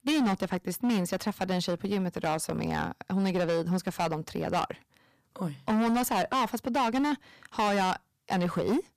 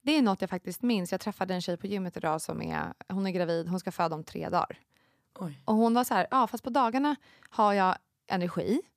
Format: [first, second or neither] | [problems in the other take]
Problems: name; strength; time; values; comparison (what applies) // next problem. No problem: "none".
second | distortion; heavy; 14% of the sound clipped